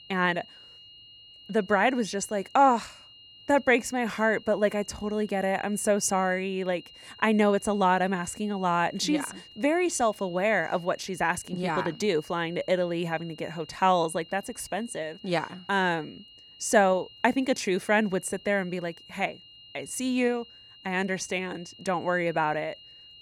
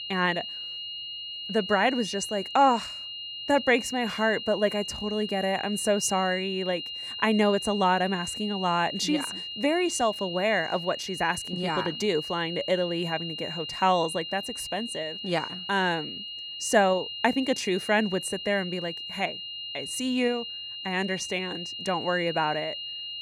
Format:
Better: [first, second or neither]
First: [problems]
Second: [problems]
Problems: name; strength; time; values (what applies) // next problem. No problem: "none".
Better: first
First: high-pitched whine; faint; throughout; 3 kHz, 20 dB below the speech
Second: high-pitched whine; loud; throughout; 3 kHz, 7 dB below the speech